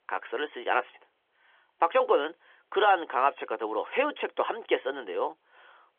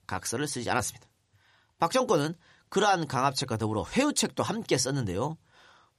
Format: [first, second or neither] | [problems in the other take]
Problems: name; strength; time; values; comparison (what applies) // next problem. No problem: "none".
second | phone-call audio; nothing above 3.5 kHz